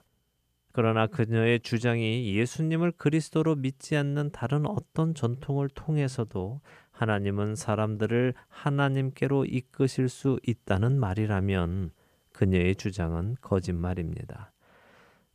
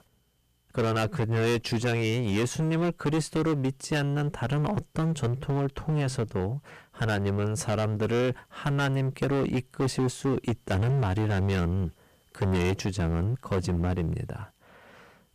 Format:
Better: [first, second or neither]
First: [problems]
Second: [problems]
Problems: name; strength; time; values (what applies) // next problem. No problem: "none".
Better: first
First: none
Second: distortion; heavy; 22% of the sound clipped